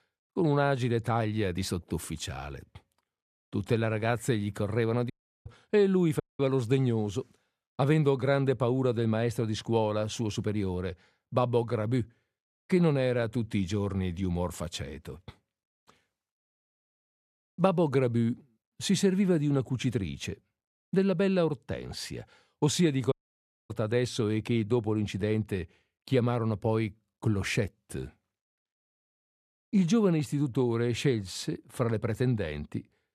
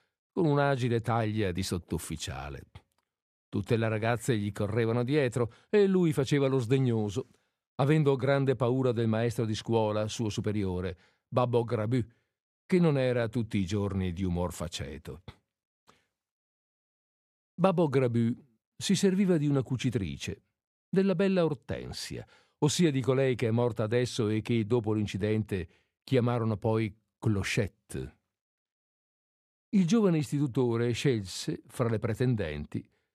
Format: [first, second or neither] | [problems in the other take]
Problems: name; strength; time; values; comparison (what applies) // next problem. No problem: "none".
second | audio cutting out; at 5 s, at 6 s and at 23 s for 0.5 s